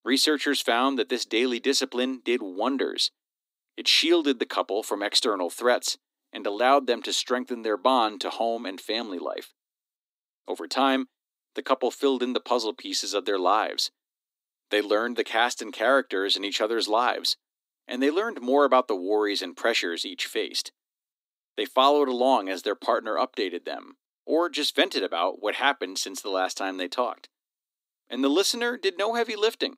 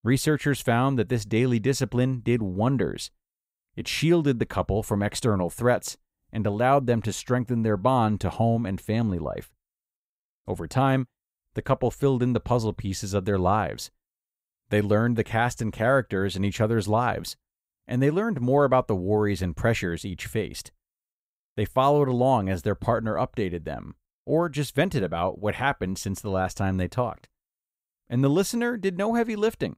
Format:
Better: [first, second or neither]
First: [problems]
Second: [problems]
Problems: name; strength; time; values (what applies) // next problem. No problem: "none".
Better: second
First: thin; somewhat; fading below 250 Hz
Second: none